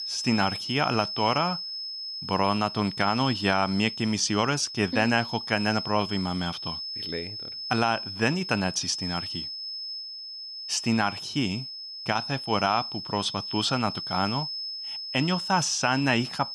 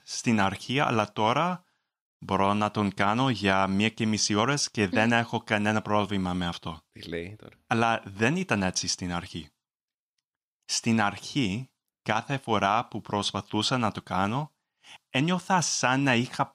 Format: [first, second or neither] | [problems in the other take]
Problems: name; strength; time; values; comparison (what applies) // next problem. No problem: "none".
second | high-pitched whine; loud; throughout; 5 kHz, 6 dB below the speech